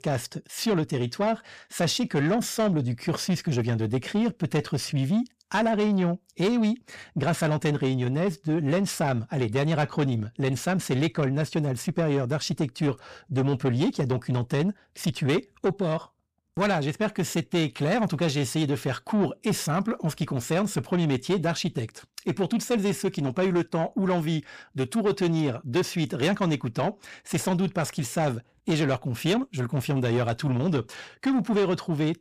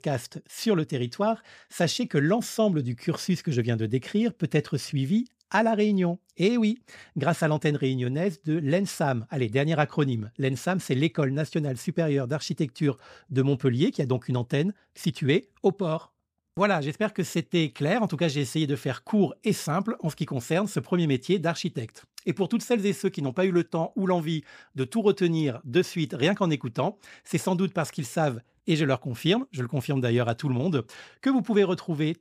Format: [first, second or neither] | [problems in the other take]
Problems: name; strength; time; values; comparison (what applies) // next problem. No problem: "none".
second | distortion; slight; 10 dB below the speech